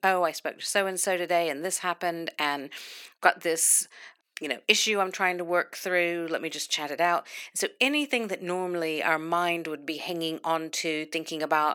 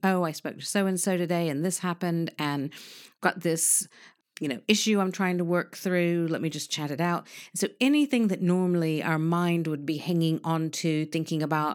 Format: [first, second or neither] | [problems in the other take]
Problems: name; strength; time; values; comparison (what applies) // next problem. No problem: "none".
second | thin; very; fading below 550 Hz